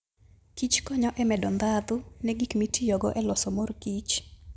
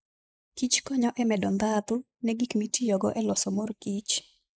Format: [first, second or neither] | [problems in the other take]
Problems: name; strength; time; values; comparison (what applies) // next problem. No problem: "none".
first | noise reduction (neural mask model Resemble Enhance denoiser)